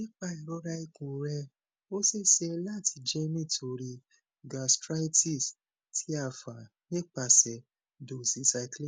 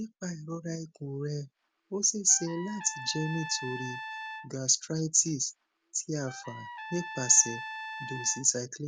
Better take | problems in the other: first | background sound (Trumpet); 11 dB below the speech

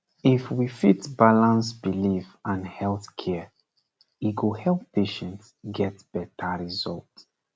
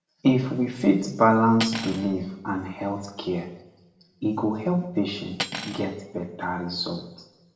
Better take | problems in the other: first | background sound (Cutlery, silverware); 13 dB below the speech // room echo; dies away in 0.8 s

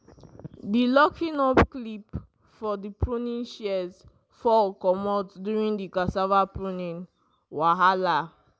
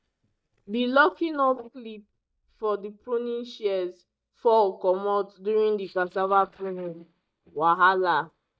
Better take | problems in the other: first | noise reduction (neural mask model DeepFilterNet 3)

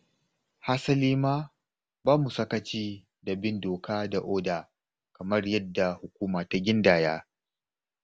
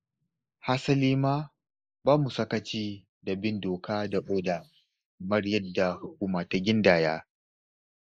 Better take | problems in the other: first | noise reduction (neural mask model Resemble Enhance denoiser)

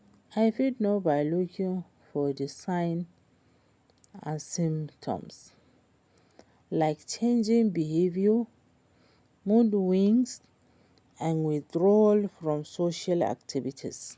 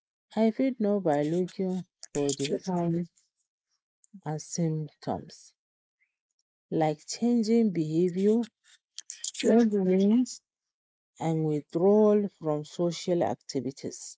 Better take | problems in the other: first | noise reduction (neural mask model Resemble Enhance denoiser)

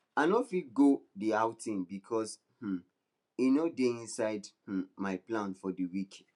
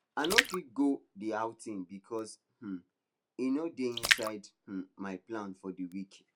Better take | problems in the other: first | background sound (Splash, splatter); 1 dB above the speech

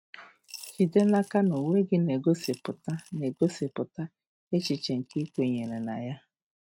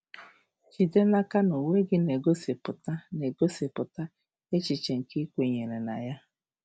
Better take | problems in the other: second | noise reduction (neural mask model RNNoise)

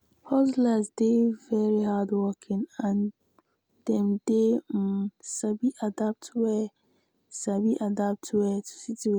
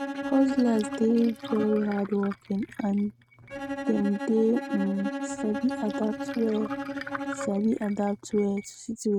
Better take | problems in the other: first | noise reduction (neural mask model RNNoise)

